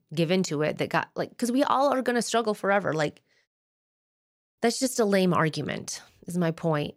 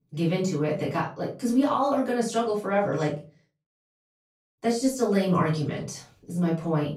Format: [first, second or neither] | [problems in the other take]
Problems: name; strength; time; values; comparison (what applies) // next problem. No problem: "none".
first | room echo; slight; dies away in 0.3 s // off-mic speech; far